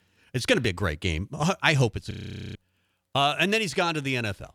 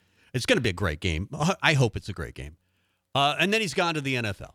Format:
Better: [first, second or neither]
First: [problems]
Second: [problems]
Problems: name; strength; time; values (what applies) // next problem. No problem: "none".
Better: second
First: audio freezing; at 2 s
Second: none